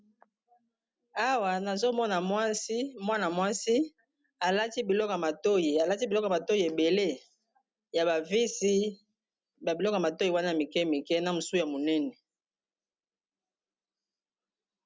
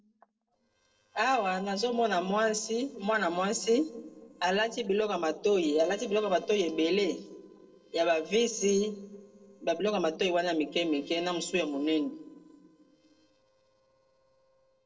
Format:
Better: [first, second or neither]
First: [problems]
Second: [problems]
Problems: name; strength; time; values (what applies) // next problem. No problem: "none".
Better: first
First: none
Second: noise reduction (neural separator model SepFormer DNS4)